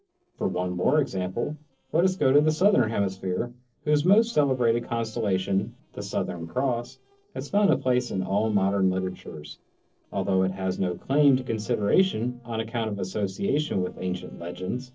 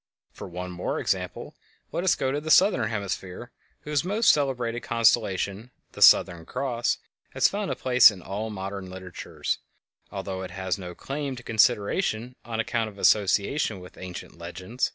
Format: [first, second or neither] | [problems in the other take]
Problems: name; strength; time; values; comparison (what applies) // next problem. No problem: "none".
second | noise reduction (neural separator model SepFormer DNS4)